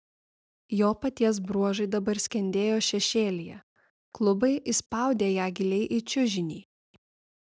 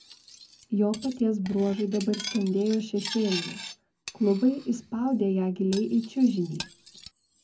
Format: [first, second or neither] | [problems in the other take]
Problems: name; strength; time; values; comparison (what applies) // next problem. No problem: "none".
first | background sound (Cutlery, silverware); 15 dB below the speech // room echo; dies away in 0.3 s